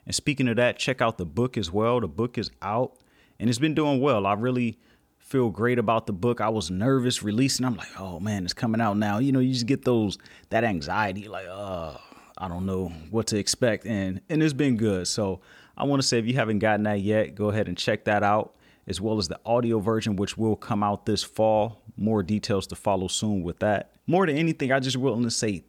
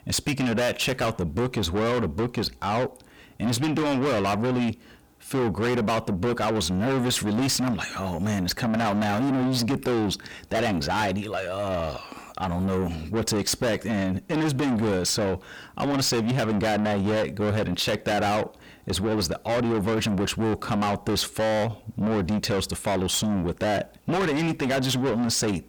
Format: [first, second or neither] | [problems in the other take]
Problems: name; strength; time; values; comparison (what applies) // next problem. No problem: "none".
first | distortion; heavy; 6 dB below the speech